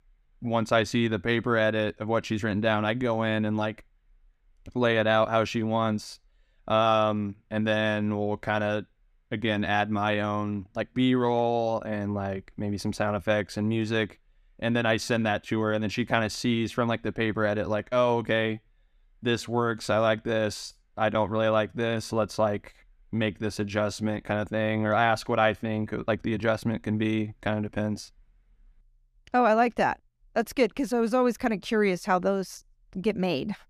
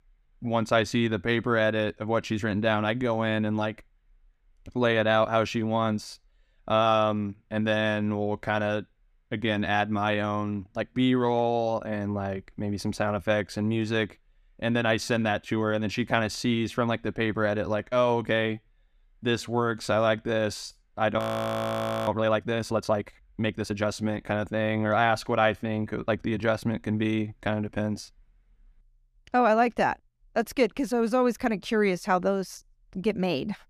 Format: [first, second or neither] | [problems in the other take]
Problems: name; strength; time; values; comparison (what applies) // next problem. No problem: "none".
first | audio freezing; at 21 s for 1 s